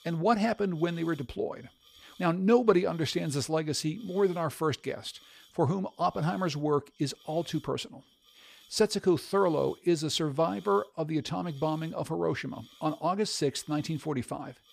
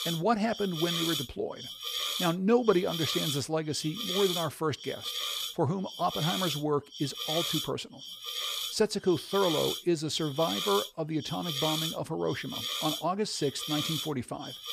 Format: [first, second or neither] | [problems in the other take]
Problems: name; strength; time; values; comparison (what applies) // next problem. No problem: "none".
first | hiss; loud; throughout; 3 dB below the speech; faint in the first